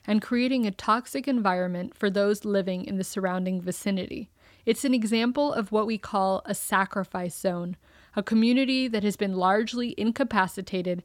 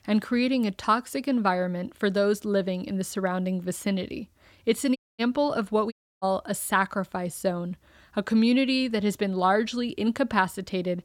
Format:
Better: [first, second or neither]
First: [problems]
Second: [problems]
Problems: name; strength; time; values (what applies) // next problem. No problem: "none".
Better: first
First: none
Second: audio cutting out; at 5 s and at 6 s